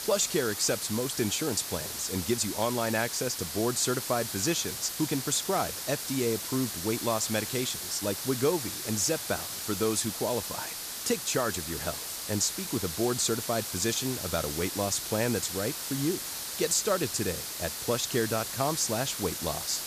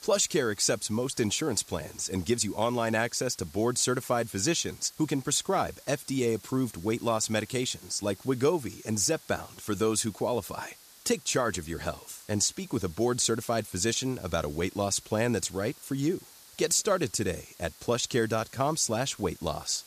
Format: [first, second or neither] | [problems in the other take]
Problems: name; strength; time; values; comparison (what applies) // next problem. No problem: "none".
second | hiss; loud; throughout; 4 dB below the speech; faint in the second